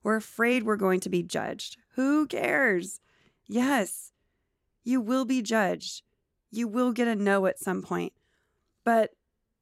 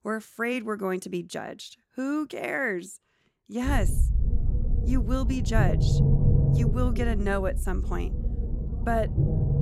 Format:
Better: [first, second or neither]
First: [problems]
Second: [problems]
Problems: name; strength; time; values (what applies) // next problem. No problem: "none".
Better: first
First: none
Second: low rumble; loud; from 3.5 s on; 7 dB below the speech